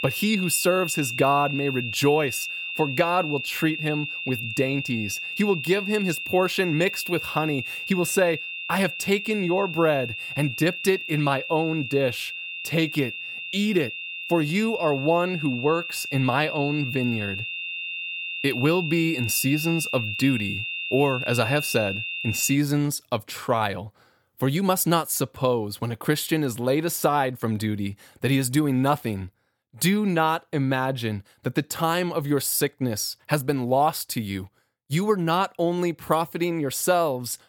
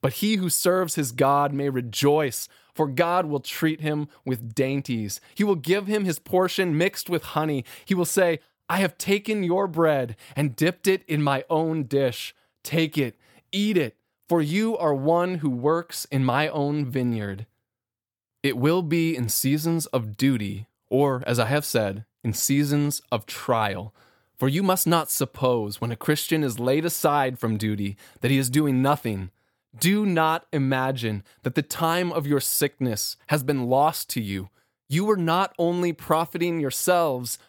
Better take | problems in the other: second | high-pitched whine; loud; until 23 s; 2.5 kHz, 5 dB below the speech

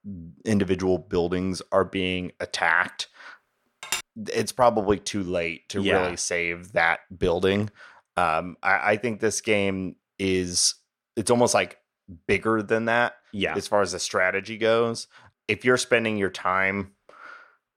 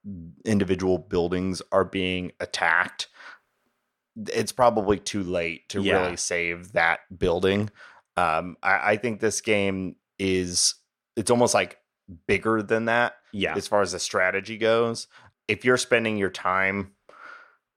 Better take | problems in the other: second | clattering dishes; noticeable; at 4 s; peak 6 dB below the speech

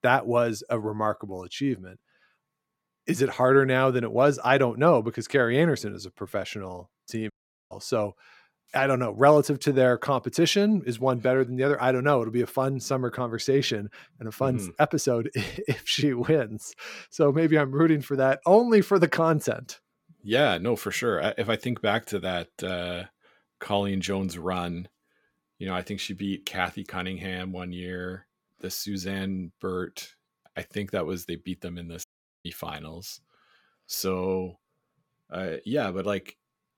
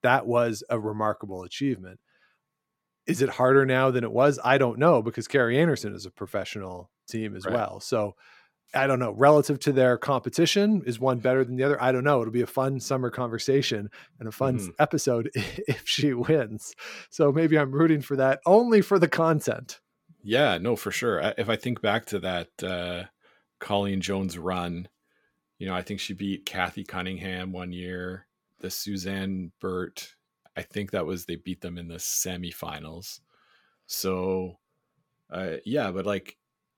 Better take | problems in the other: second | audio cutting out; at 7.5 s and at 32 s

